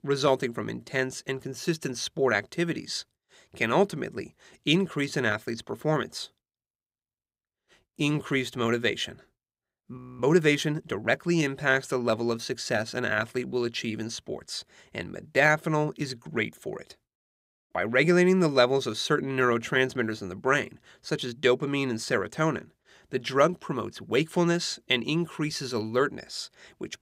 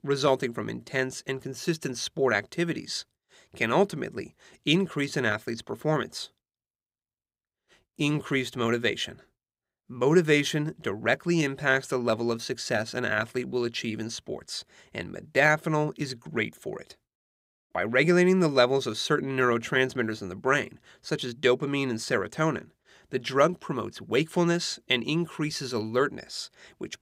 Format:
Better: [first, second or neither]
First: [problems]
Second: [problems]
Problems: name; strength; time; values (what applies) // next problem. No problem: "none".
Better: second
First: audio freezing; at 10 s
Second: none